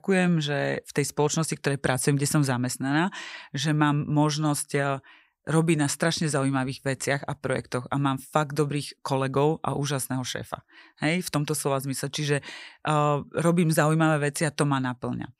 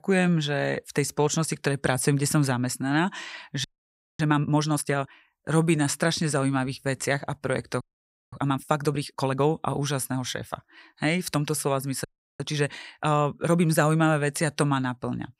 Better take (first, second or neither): first